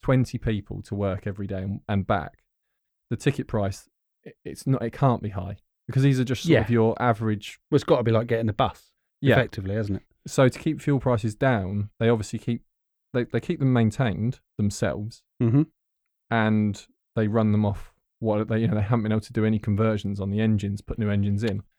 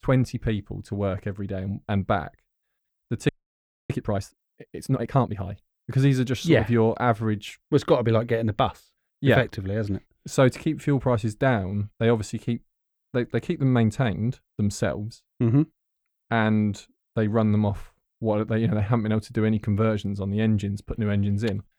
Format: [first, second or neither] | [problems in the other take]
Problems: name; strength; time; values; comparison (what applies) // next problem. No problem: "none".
first | audio freezing; at 3.5 s for 0.5 s